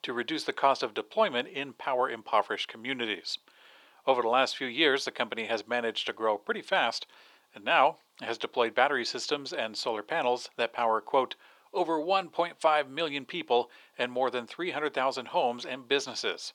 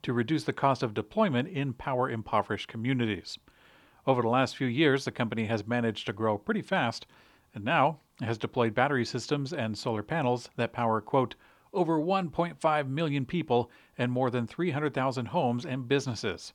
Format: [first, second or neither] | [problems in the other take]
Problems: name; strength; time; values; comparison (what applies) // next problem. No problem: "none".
second | thin; somewhat; fading below 500 Hz